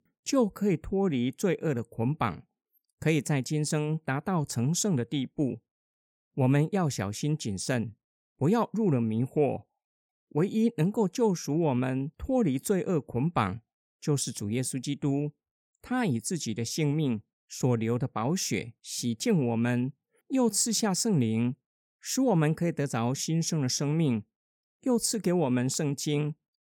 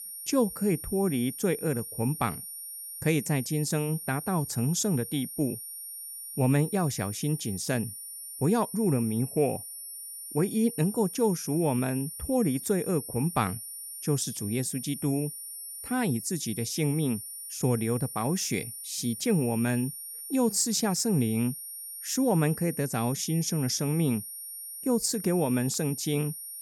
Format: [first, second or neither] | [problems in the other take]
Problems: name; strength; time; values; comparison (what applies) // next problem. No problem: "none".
first | high-pitched whine; loud; throughout; 9.5 kHz, 9 dB below the speech